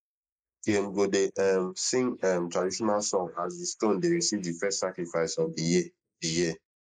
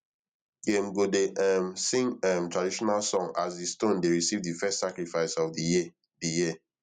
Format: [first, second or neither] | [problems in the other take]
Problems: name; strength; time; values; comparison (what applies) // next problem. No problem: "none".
second | noise reduction (neural mask model Resemble Enhance denoiser)